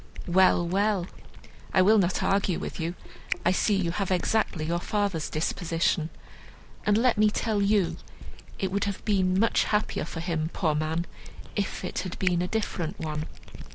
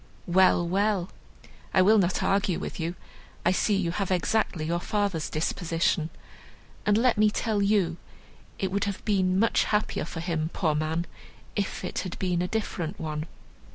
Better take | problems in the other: second | background sound (Cat); 9 dB below the speech

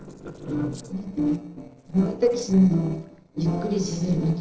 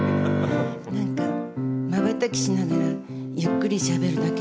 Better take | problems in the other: second | noise reduction (neural separator model SepFormer DNS4)

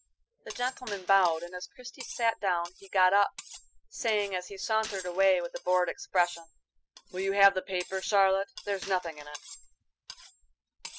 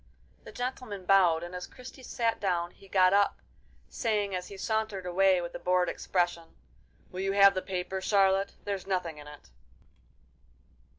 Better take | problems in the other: second | noise reduction (classical method spectral subtraction)

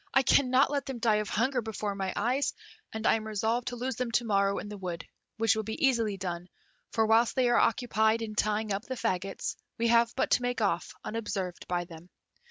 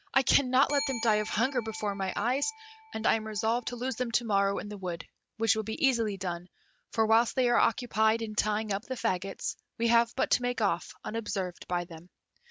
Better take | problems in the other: first | background sound (Bell); 14 dB below the speech

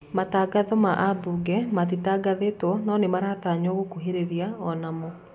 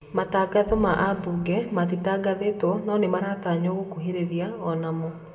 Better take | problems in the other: first | background sound (Knock); 19 dB below the speech // room echo; dies away in 1.1 s

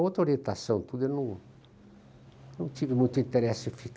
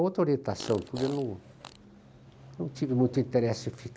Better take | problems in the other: first | background sound (Fart); 15 dB below the speech

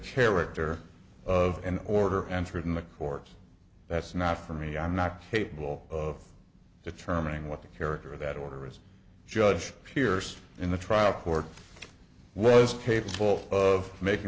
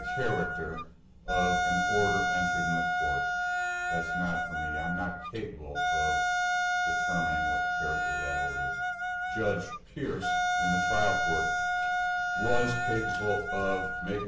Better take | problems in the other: first | background sound (Wind instrument, woodwind instrument); 4 dB above the speech // room echo; dies away in 0.4 s

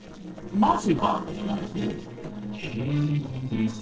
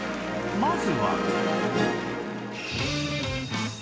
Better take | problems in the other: second | noise reduction (neural separator model SepFormer DNS4)

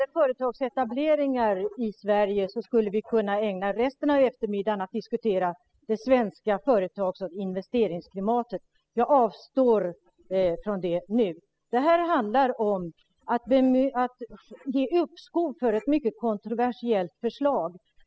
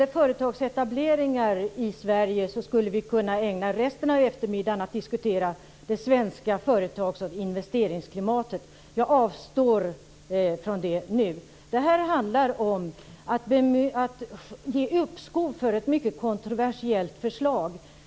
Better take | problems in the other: second | noise reduction (classical method spectral subtraction)

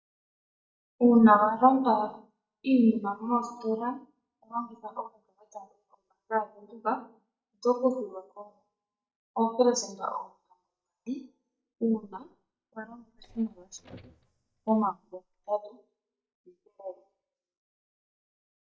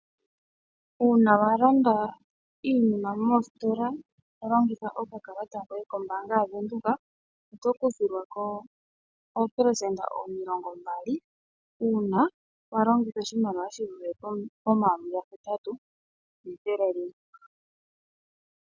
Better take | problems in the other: second | noise reduction (neural mask model DeepFilterNet 3)

